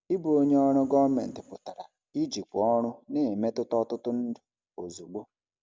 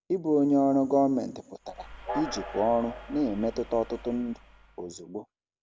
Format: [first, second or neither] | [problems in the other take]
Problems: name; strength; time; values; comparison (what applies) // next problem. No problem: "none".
first | background sound (Train); 13 dB below the speech